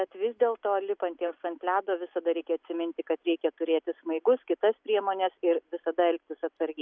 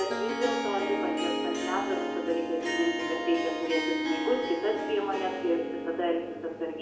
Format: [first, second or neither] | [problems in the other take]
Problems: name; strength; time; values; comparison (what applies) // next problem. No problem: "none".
first | background sound (Harp); 2 dB below the speech // room echo; dies away in 0.9 s